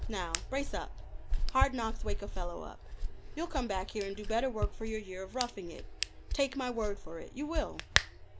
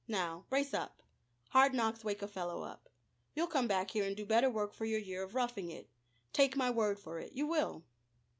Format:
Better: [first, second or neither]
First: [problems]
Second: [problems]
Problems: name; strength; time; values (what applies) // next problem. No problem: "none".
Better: second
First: background sound (Hands); 1 dB above the speech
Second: none